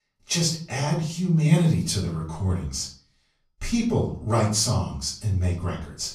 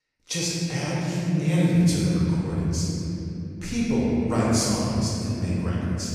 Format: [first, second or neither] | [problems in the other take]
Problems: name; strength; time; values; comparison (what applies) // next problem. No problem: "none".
first | room echo; strong; dies away in 3 s; slight in the first // off-mic speech; far; far in the first